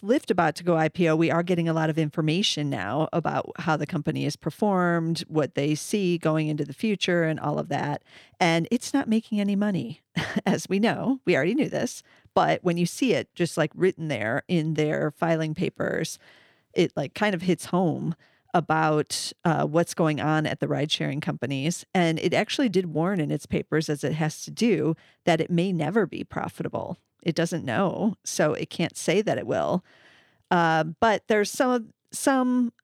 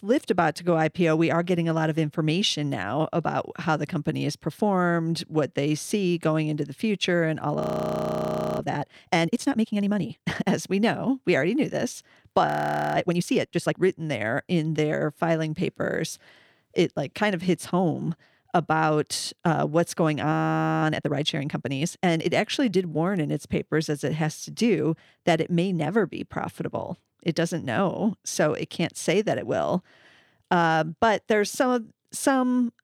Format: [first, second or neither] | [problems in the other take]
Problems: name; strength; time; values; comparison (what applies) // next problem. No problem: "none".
first | audio freezing; at 7.5 s for 1 s, at 12 s and at 20 s for 0.5 s